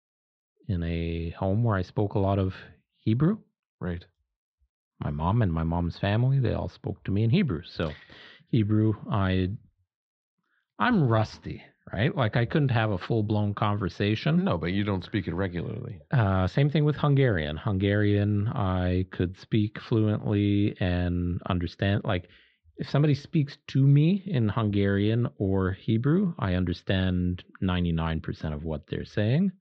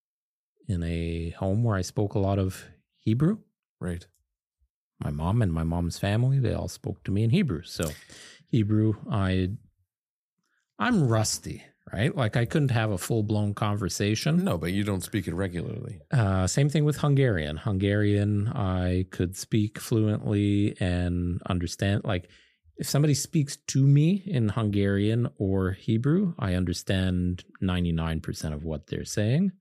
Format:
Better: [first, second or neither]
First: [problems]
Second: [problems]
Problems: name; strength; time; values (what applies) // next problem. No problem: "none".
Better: second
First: muffled; slightly; fading above 4 kHz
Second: none